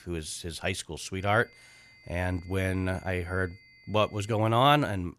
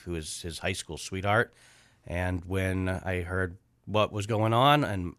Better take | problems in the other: second | high-pitched whine; faint; from 1 to 4.5 s; 2 kHz, 25 dB below the speech

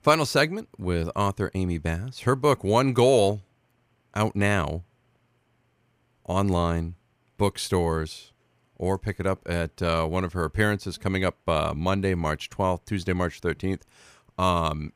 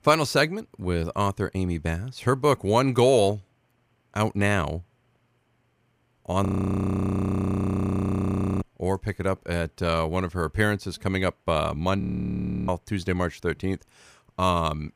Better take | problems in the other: first | audio freezing; at 6.5 s for 2 s and at 12 s for 0.5 s

